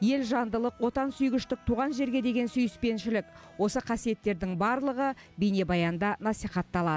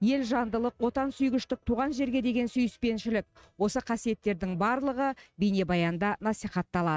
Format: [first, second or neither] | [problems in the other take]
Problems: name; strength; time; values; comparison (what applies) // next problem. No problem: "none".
first | noise reduction (neural mask model RNNoise)